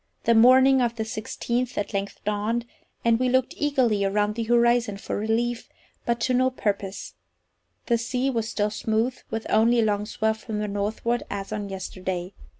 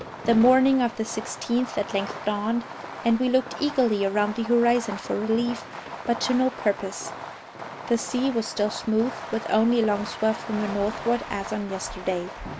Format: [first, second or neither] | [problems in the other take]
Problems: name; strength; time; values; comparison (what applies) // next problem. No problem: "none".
first | background sound (Fireworks); 12 dB below the speech